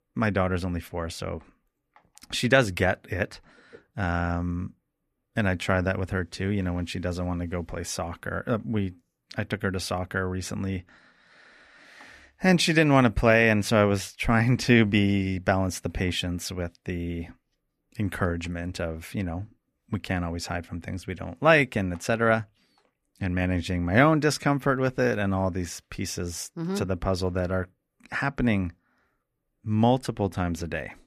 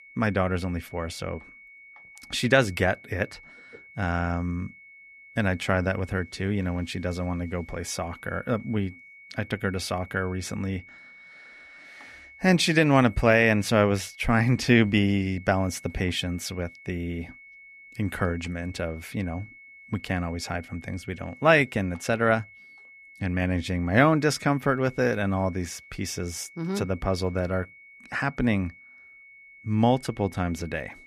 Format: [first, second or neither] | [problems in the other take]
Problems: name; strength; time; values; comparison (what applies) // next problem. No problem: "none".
first | high-pitched whine; faint; throughout; 2 kHz, 20 dB below the speech